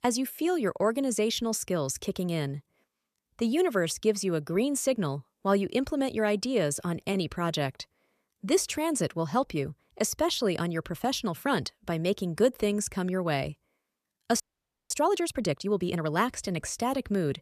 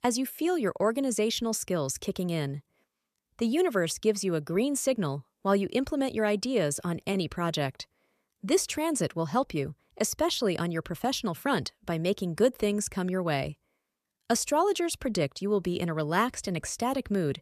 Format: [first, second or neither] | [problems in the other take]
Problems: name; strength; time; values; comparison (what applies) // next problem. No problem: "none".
second | audio freezing; at 14 s for 0.5 s